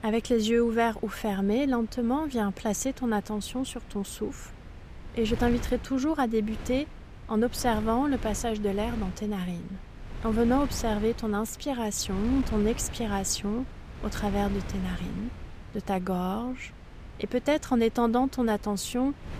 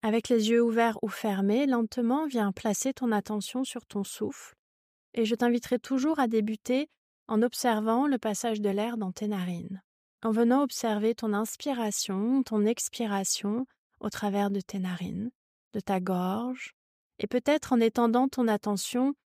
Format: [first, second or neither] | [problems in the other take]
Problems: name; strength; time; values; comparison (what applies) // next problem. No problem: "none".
second | wind noise on the microphone; occasional gusts; 15 dB below the speech